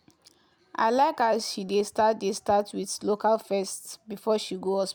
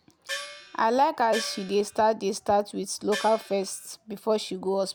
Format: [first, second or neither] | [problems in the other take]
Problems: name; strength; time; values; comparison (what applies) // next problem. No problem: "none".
first | background sound (Gong); 12 dB below the speech